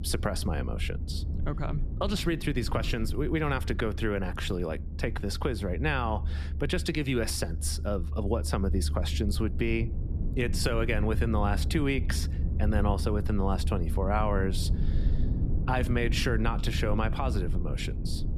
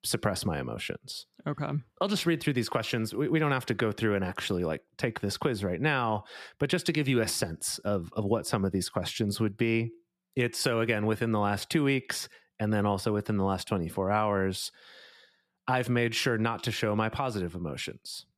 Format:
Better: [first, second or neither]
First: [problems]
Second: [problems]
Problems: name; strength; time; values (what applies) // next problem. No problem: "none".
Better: second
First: low rumble; noticeable; throughout; 15 dB below the speech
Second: none